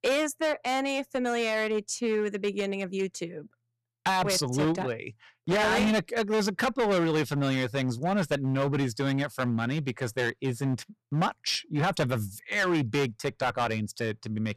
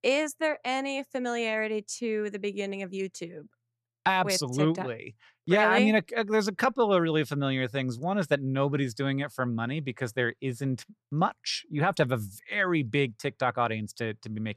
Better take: second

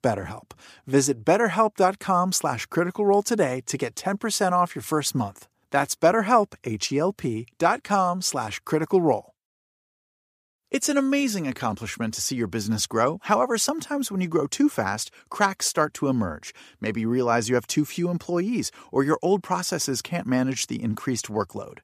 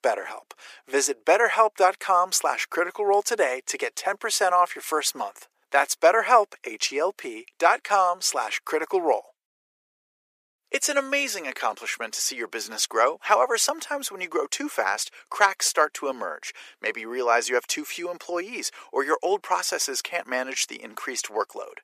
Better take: first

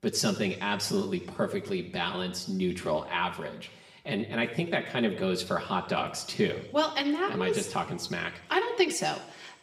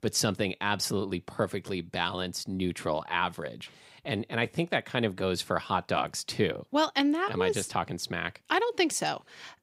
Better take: second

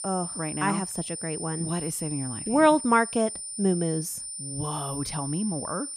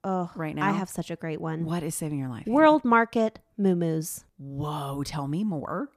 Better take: second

